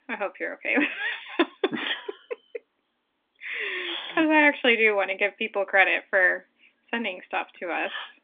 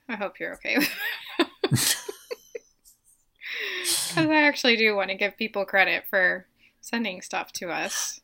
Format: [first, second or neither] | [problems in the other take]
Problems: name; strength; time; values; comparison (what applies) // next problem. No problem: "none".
second | phone-call audio; nothing above 3.5 kHz